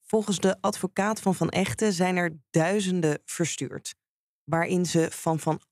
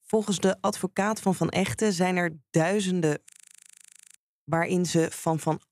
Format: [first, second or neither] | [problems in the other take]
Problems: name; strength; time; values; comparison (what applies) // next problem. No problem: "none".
first | audio freezing; at 3.5 s for 1 s